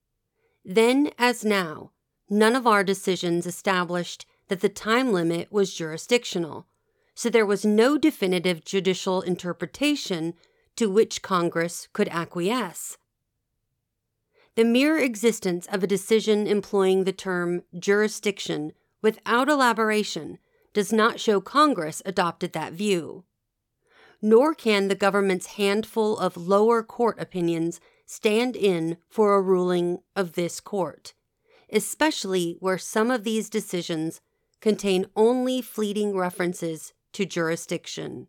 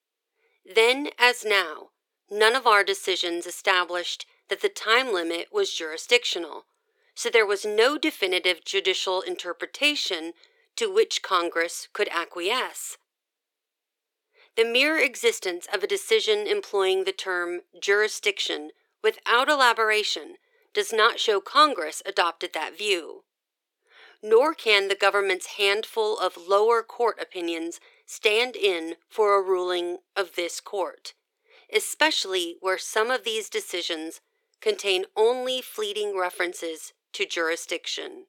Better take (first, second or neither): first